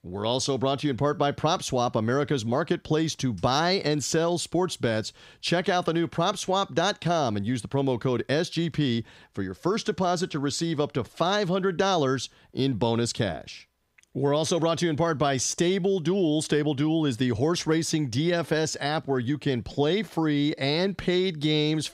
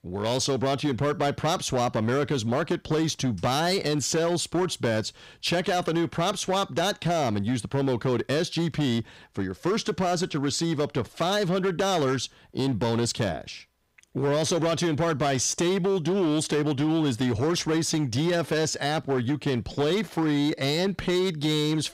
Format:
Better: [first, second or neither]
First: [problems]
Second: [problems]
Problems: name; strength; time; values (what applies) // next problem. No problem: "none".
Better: first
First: none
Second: distortion; slight; 14% of the sound clipped